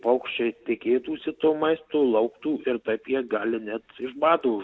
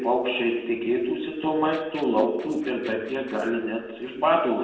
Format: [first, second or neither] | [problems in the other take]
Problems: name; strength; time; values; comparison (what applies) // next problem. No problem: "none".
first | noise reduction (neural separator model SepFormer DNS4)